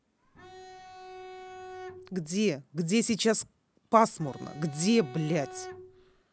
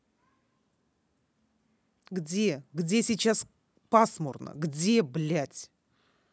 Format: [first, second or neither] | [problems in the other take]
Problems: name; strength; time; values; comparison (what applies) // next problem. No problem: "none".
second | background sound (Bowed string instrument); 15 dB below the speech